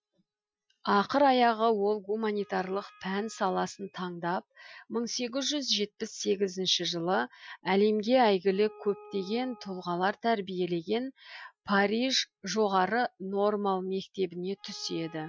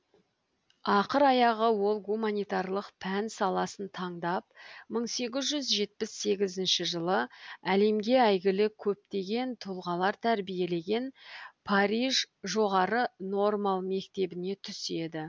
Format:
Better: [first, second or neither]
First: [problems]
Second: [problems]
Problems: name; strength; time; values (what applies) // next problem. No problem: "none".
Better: second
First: noise reduction (classical method Wiener filter)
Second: none